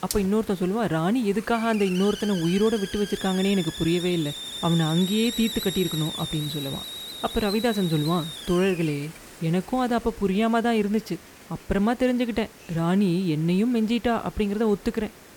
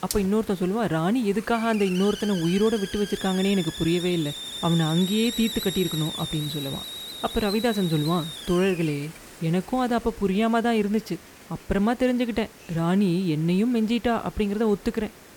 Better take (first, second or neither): neither